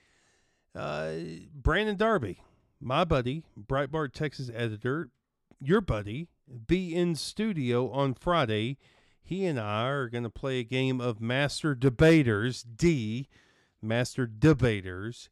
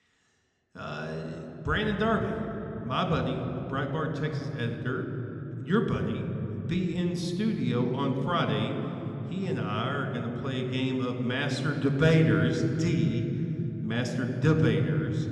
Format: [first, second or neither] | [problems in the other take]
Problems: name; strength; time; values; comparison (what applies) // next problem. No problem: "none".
first | room echo; noticeable; dies away in 3 s